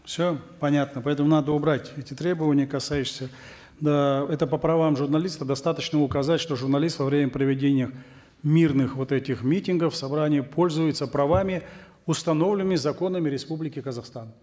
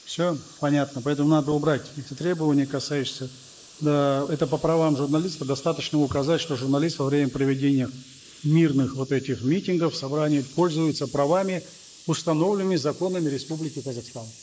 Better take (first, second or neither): first